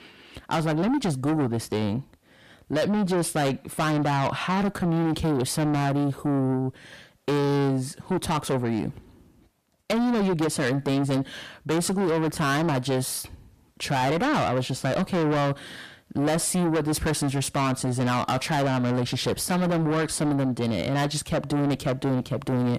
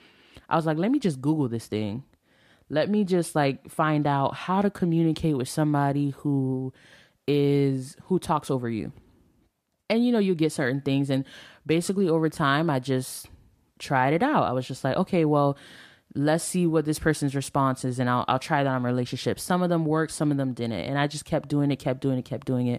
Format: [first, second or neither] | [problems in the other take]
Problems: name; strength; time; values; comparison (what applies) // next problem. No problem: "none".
second | distortion; heavy; 6 dB below the speech